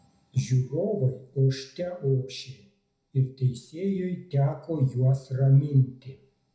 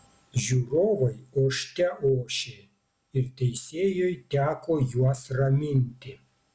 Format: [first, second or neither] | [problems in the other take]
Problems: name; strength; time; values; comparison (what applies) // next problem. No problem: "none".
second | room echo; dies away in 0.5 s